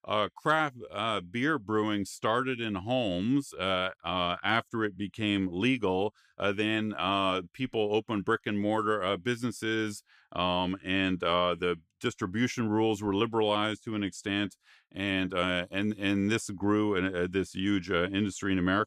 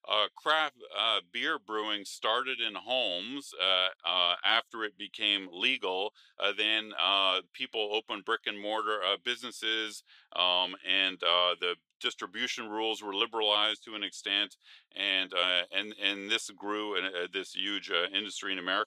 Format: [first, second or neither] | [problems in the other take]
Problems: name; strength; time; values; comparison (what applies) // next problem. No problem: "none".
first | thin; somewhat; fading below 550 Hz